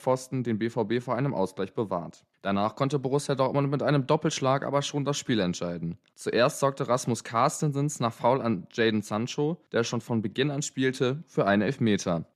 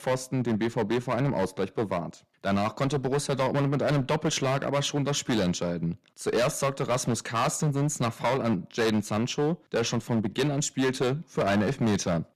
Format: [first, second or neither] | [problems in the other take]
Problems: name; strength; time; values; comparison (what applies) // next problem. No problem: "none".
first | distortion; heavy; 13% of the sound clipped